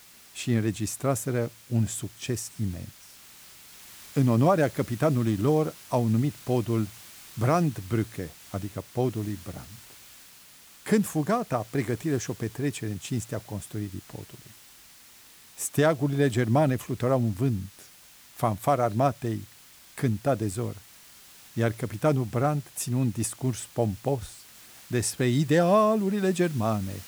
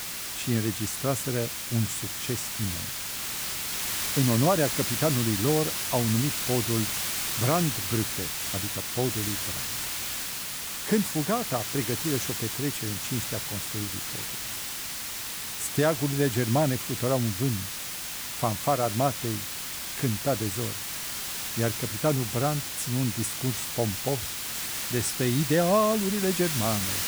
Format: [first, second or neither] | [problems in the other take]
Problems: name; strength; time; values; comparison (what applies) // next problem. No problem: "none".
first | hiss; loud; throughout; 1 dB below the speech; faint in the first